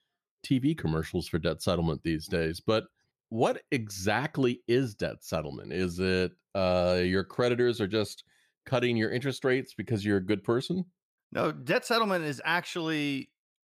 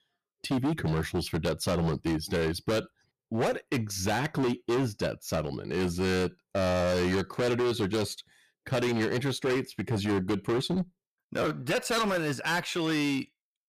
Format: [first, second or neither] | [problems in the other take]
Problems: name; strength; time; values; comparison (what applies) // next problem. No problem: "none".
first | distortion; heavy; 19% of the sound clipped